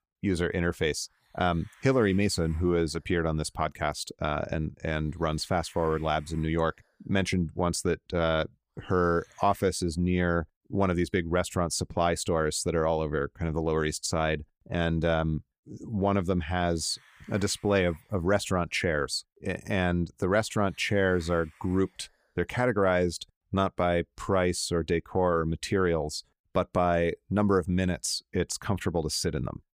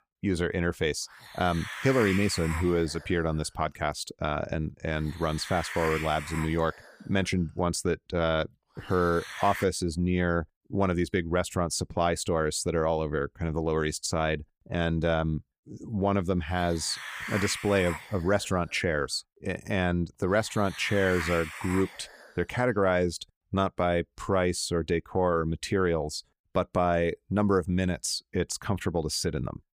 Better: first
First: hiss; faint; until 9.5 s and from 16 to 23 s; 30 dB below the speech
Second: hiss; loud; until 9.5 s and from 16 to 23 s; 9 dB below the speech

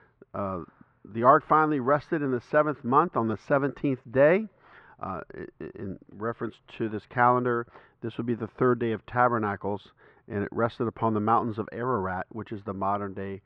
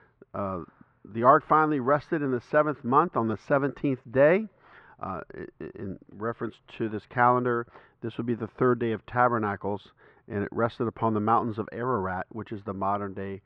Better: neither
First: muffled; very; fading above 2.5 kHz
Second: muffled; very; fading above 2.5 kHz

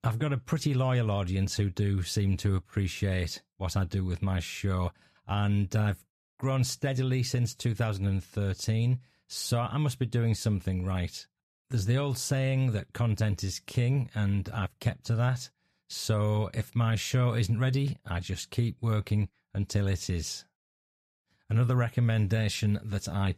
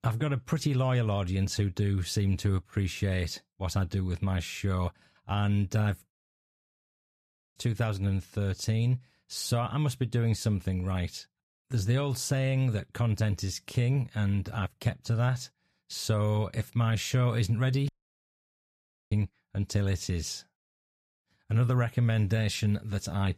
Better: first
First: none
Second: audio cutting out; at 6 s for 1.5 s and at 18 s for 1 s

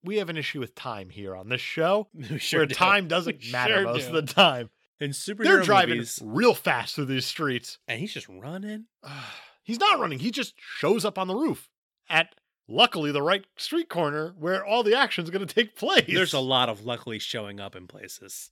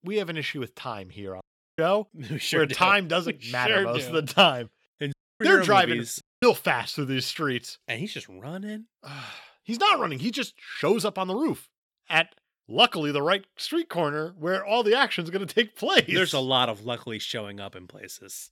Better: first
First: none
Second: audio cutting out; at 1.5 s, at 5 s and at 6 s

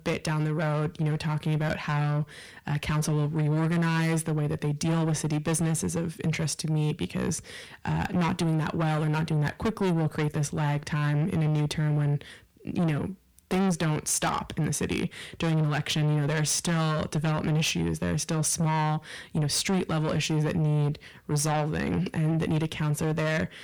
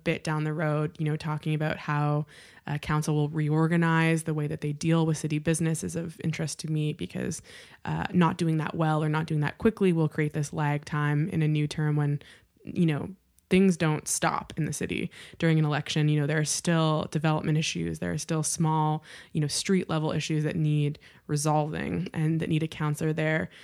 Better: second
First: distortion; heavy; 7 dB below the speech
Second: none

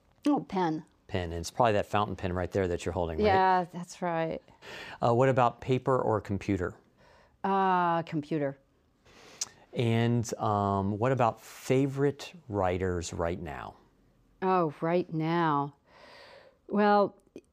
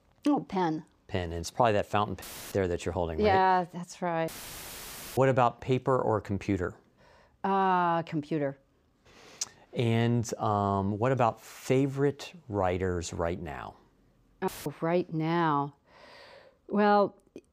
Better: first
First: none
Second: audio cutting out; filled with static; at 2 s, at 4.5 s for 1 s and at 14 s

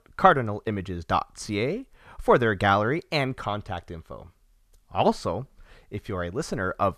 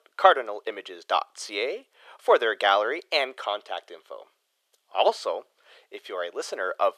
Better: first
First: none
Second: thin; very; fading below 400 Hz

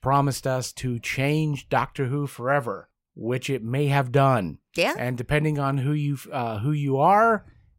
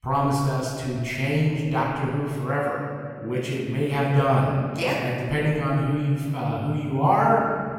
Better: first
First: none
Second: off-mic speech; far // room echo; noticeable; dies away in 1.9 s

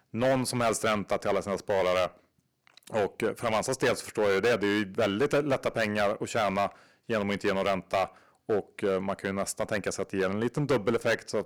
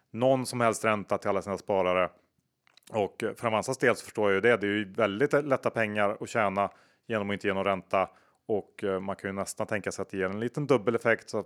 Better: second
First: distortion; heavy; 8% of the sound clipped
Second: none

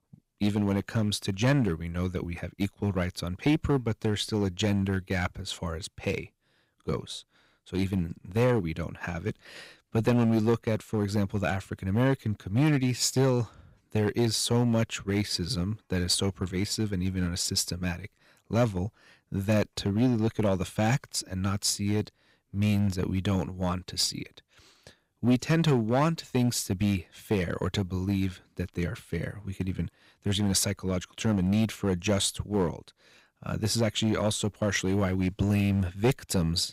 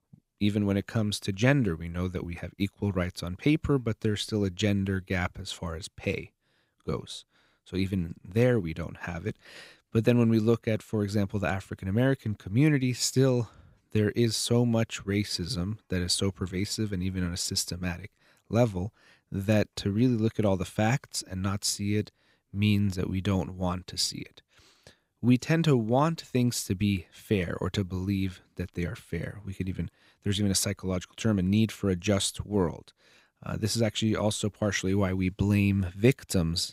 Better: second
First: distortion; slight; 4% of the sound clipped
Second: none

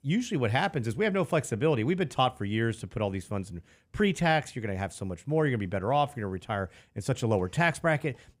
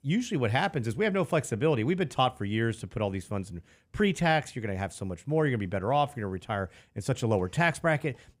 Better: neither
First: none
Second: none

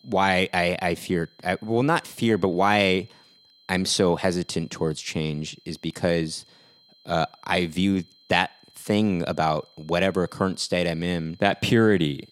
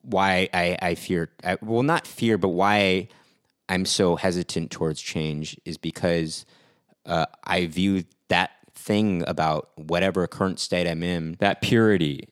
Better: second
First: high-pitched whine; faint; throughout; 4 kHz, 30 dB below the speech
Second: none

